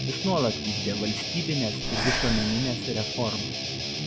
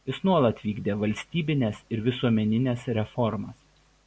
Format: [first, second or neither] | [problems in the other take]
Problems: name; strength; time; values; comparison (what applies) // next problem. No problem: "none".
second | background sound (Breathing + Guitar); 1 dB below the speech